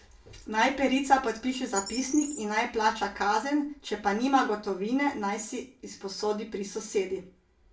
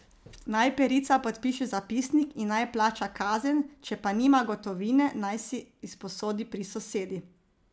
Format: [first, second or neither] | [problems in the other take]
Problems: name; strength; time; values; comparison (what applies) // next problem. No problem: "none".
second | background sound (Bird); 13 dB below the speech // room echo; dies away in 0.3 s